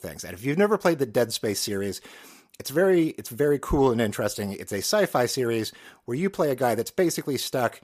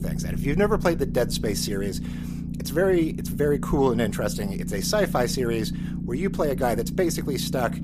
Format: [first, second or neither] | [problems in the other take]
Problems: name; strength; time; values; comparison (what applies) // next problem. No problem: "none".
first | low rumble; noticeable; throughout; 15 dB below the speech